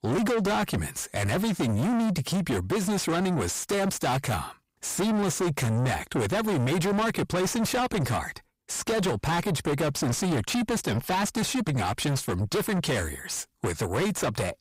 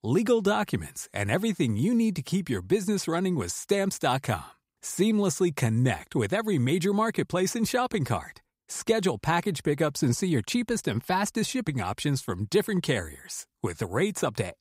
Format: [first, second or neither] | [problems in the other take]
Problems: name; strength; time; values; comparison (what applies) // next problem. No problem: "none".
second | distortion; heavy; 5 dB below the speech